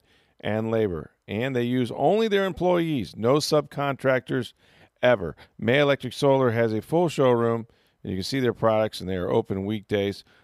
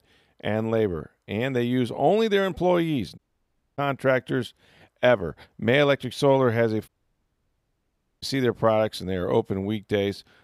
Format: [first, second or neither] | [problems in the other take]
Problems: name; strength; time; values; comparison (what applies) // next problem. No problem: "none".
first | audio cutting out; at 3 s for 0.5 s and at 7 s for 1.5 s